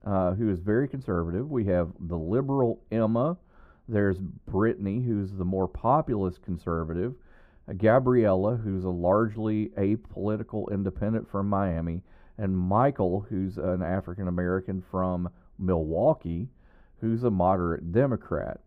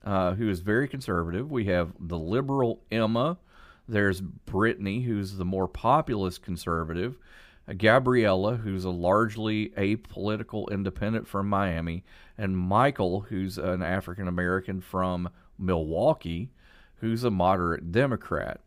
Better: second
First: muffled; very; fading above 1.5 kHz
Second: none

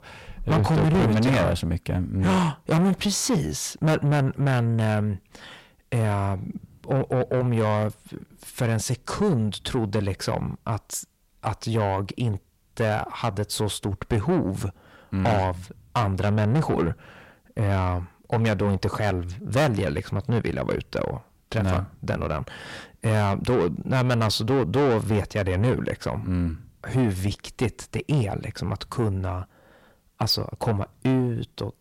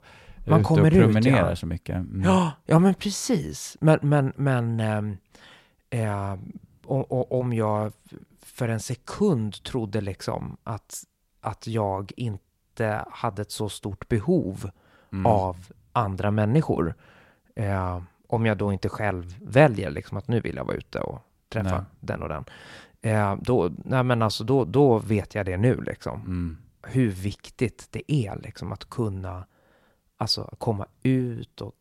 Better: second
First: distortion; heavy; 6 dB below the speech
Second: none

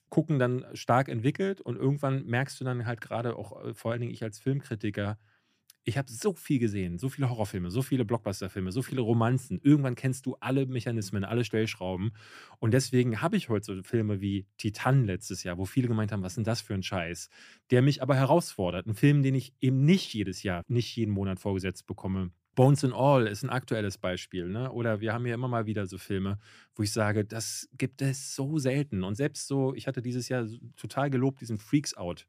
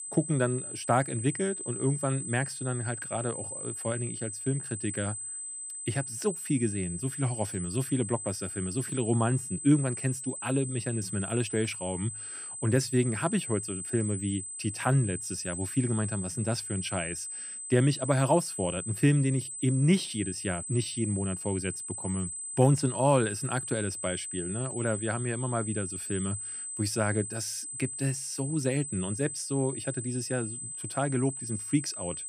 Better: first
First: none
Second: high-pitched whine; loud; throughout; 8 kHz, 5 dB below the speech

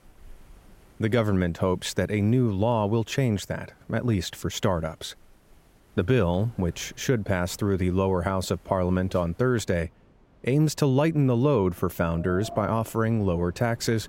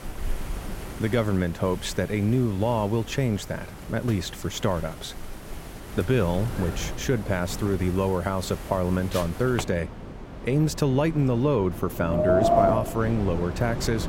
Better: first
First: wind in the background; faint; throughout; 25 dB below the speech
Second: wind in the background; loud; throughout; 6 dB below the speech

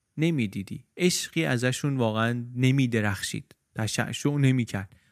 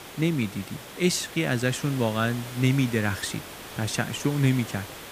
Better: first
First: none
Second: hiss; noticeable; throughout; 15 dB below the speech

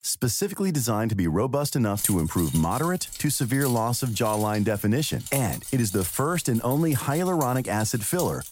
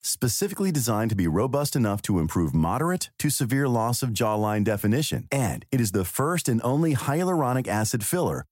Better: second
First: jangling keys; noticeable; from 2 s on; peak 2 dB below the speech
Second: none

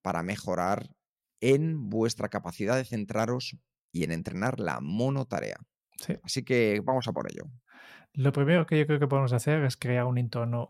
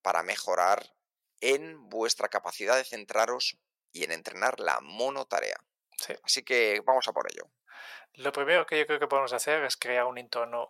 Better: first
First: none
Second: thin; very; fading below 550 Hz

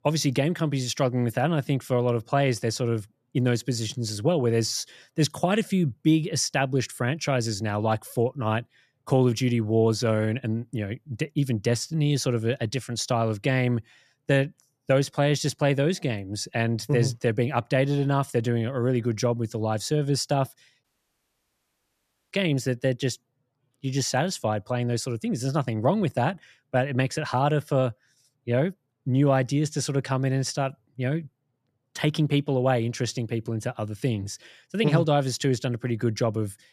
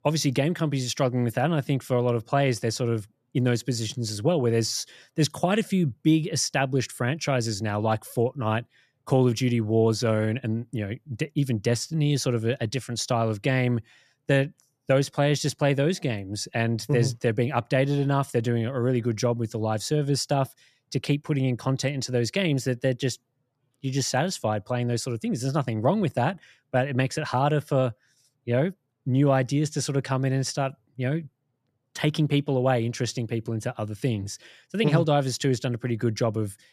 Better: second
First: audio cutting out; at 21 s for 1.5 s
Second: none

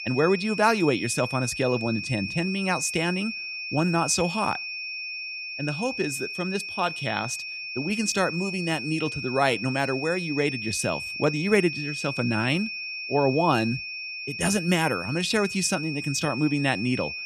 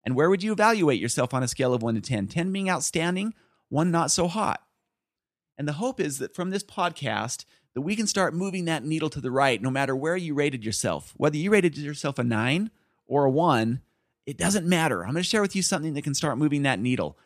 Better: second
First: high-pitched whine; loud; throughout; 2.5 kHz, 6 dB below the speech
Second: none

